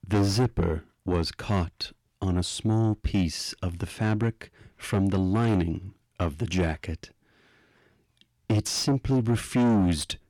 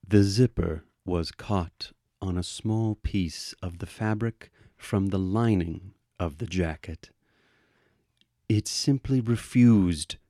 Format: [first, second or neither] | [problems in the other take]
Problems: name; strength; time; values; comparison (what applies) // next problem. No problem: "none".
second | distortion; heavy; 7 dB below the speech